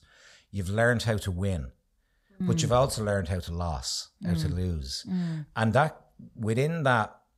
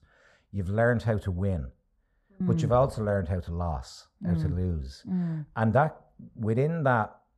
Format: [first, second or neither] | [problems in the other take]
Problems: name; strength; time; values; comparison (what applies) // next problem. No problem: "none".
first | muffled; slightly; fading above 2 kHz